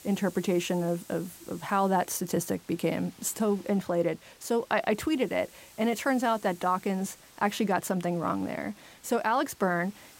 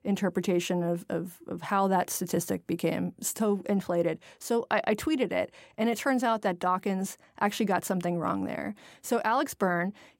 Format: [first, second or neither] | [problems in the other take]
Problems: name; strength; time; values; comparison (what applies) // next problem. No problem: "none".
second | hiss; faint; throughout; 20 dB below the speech